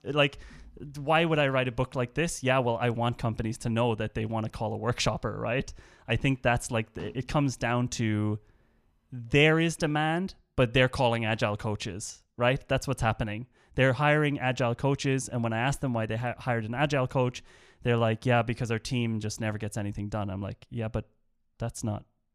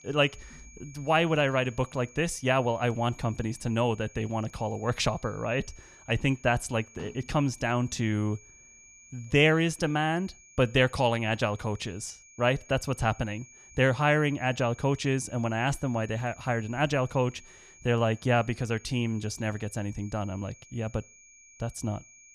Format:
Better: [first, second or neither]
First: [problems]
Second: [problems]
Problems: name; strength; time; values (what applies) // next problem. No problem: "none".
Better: first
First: none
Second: high-pitched whine; faint; throughout; 6.5 kHz, 25 dB below the speech